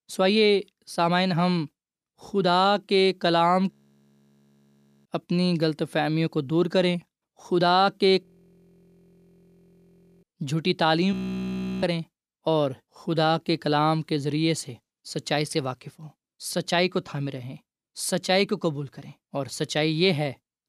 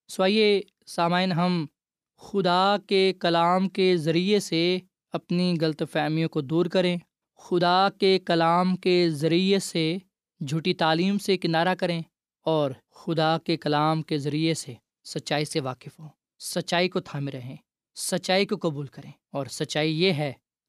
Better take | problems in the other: second | audio freezing; at 3.5 s for 1.5 s, at 8 s for 2 s and at 11 s for 0.5 s

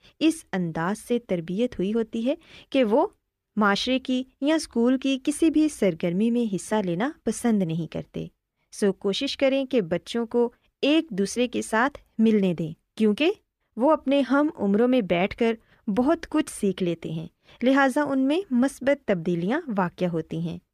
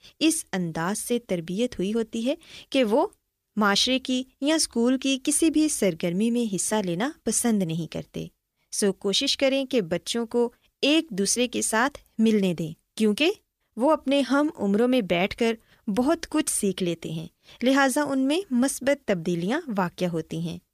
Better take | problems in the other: second | muffled; slightly; fading above 3.5 kHz

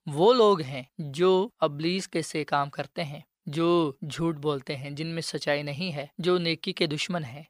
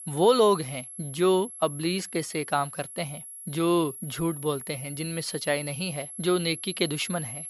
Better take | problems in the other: first | high-pitched whine; noticeable; throughout; 11 kHz, 10 dB below the speech

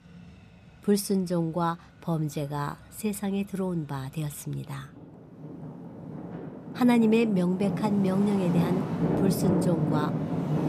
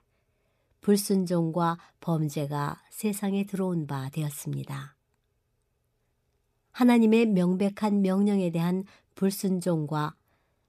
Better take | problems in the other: second | traffic noise; loud; throughout; 3 dB below the speech

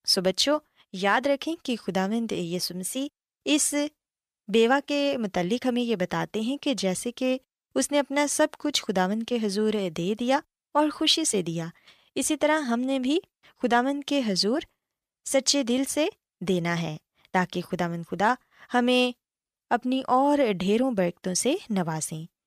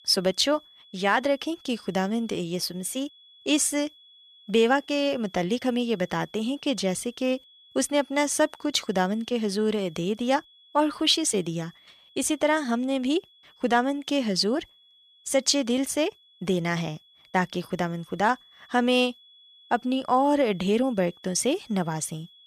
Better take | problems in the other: first | high-pitched whine; faint; throughout; 3.5 kHz, 25 dB below the speech

